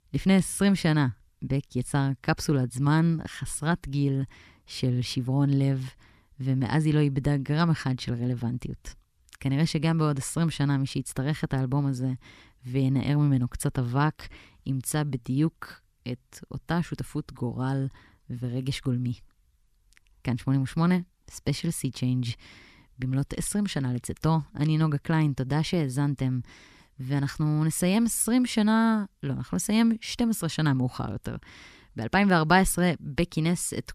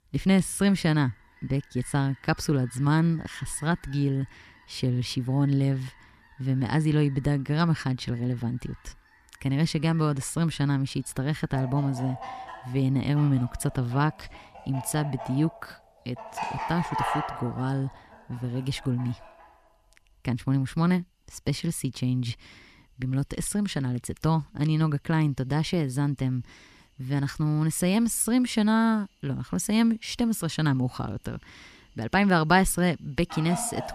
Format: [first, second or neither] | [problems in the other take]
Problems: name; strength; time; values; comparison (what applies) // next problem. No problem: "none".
first | animal sounds; noticeable; throughout; 15 dB below the speech